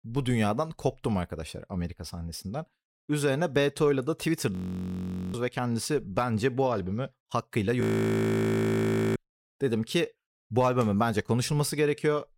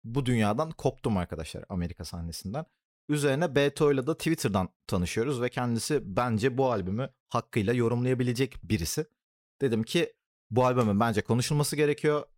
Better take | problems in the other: second | audio freezing; at 4.5 s for 1 s and at 8 s for 1.5 s

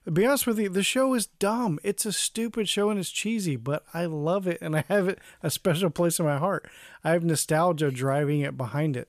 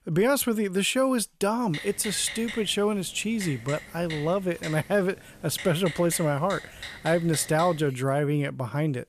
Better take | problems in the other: first | keyboard typing; noticeable; from 1.5 to 8 s; peak 9 dB below the speech

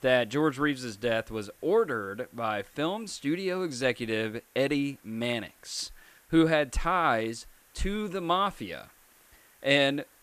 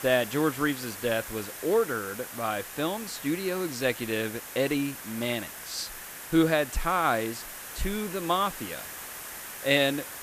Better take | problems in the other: first | hiss; loud; throughout; 10 dB below the speech; faint in the first

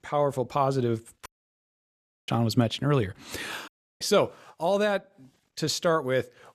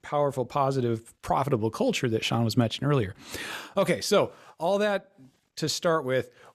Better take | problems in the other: second | audio cutting out; at 1.5 s for 1 s and at 3.5 s

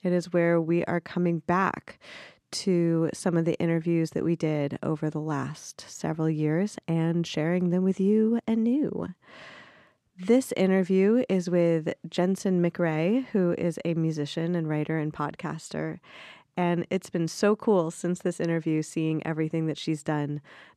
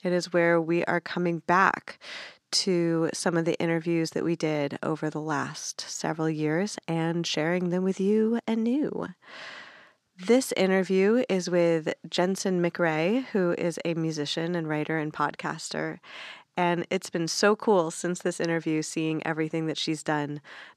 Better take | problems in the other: first | thin; very slightly; fading below 550 Hz

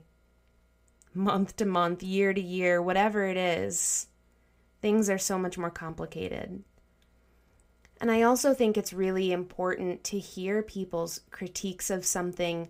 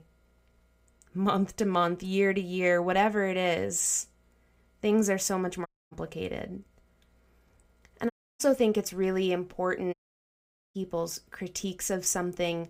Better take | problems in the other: first | audio cutting out; at 5.5 s, at 8 s and at 10 s for 1 s

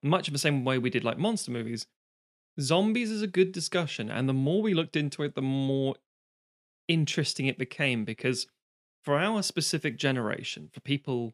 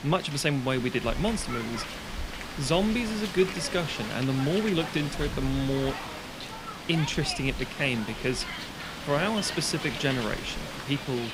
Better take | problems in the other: first | hiss; loud; throughout; 7 dB below the speech

